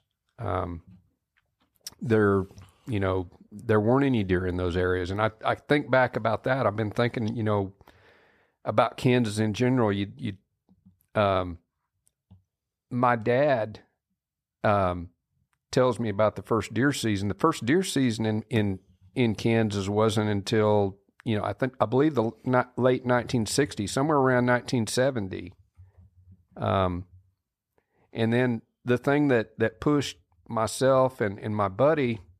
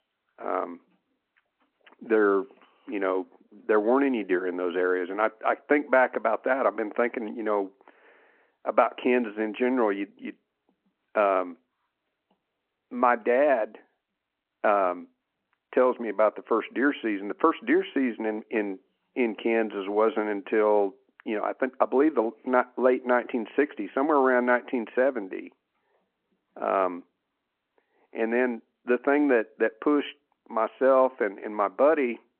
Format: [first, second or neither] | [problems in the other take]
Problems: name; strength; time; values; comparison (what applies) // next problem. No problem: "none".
first | phone-call audio